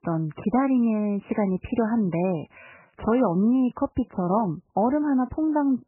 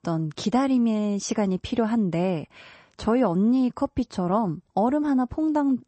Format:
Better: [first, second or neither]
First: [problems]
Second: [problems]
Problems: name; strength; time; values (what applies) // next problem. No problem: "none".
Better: second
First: garbled, watery; badly; nothing above 3 kHz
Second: garbled, watery; slightly; nothing above 8 kHz